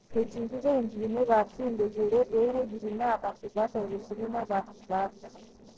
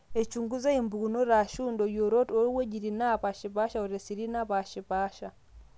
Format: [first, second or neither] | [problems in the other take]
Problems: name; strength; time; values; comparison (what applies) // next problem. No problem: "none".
second | noise reduction (neural separator model SepFormer DNS4)